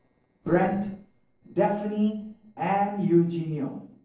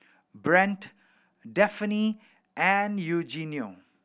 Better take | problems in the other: second | noise reduction (neural separator model SepFormer DNS4)

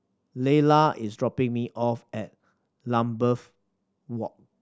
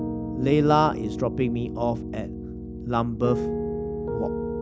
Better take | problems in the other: first | background sound (Piano); 4 dB below the speech

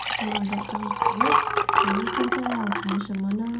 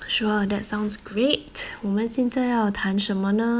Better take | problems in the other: second | background sound (Liquid); 4 dB above the speech // room echo; dies away in 0.2 s

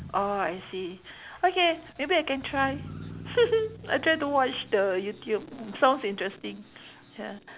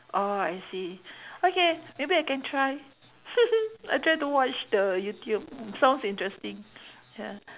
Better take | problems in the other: second | background sound (Motor vehicle (road)); 18 dB below the speech

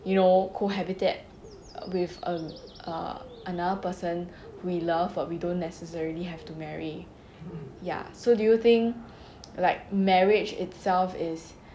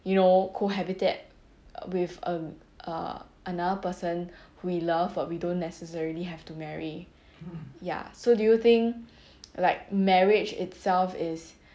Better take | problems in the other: second | background sound (Bird); 19 dB below the speech

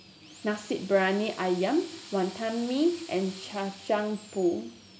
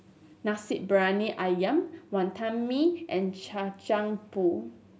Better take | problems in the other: second | background sound (Drill); 18 dB below the speech

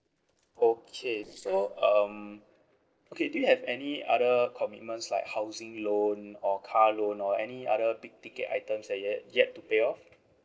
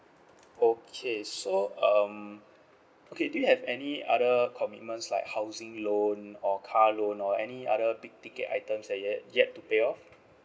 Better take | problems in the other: second | noise reduction (neural separator model SepFormer DNS4)

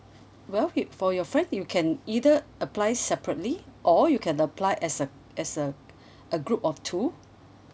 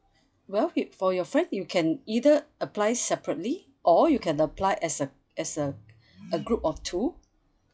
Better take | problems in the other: first | noise reduction (classical method log-MMSE)

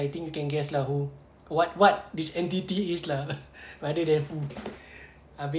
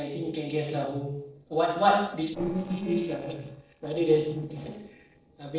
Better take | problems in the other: first | noise reduction (neural separator model SepFormer DNS4)

